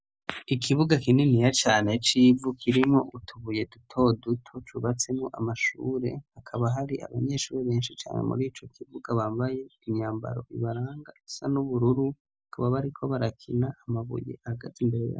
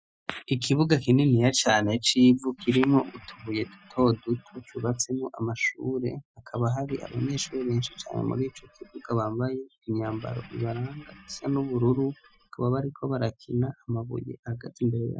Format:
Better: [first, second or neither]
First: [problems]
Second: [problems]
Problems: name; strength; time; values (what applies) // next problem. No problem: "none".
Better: first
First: none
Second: noise reduction (classical method Wiener filter)